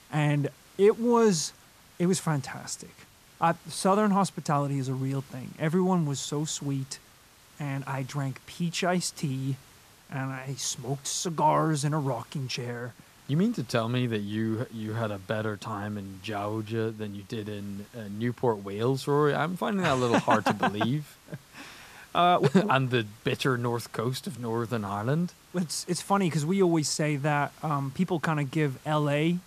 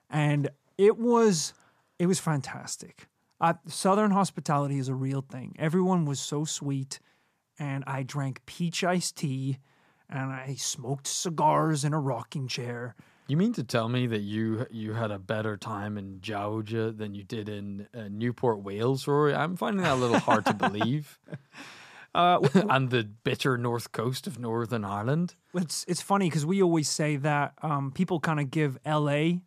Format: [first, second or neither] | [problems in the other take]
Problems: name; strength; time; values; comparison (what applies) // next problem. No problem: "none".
second | hiss; faint; throughout; 25 dB below the speech